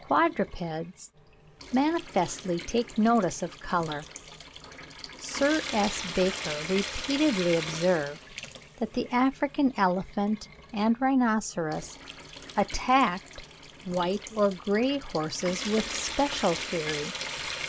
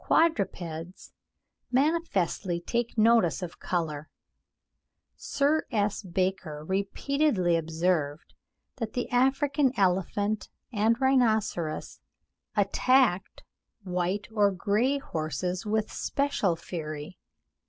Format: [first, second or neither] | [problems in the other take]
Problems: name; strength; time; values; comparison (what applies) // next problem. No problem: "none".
second | background sound (Trickle, dribble / Sink (filling or washing) / Water tap, faucet); 11 dB below the speech